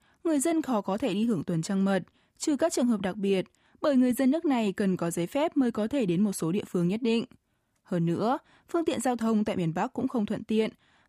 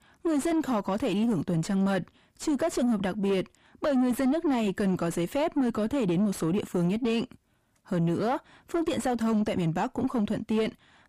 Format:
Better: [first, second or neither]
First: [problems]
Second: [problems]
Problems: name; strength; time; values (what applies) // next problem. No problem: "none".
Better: first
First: none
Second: distortion; slight; 10 dB below the speech